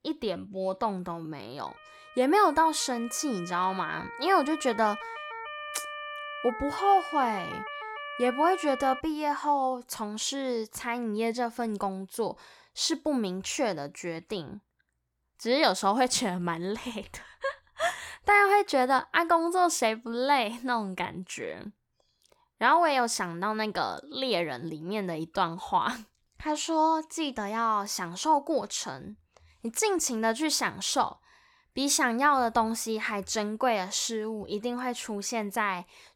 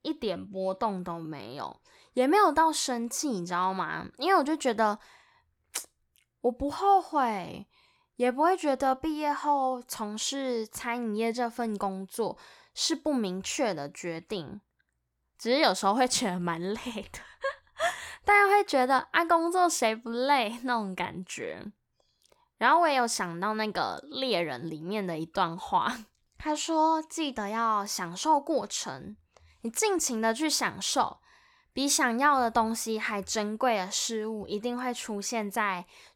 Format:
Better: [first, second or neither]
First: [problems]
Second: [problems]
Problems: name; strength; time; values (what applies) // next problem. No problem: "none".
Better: second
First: siren; noticeable; from 1.5 to 9 s; peak 8 dB below the speech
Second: none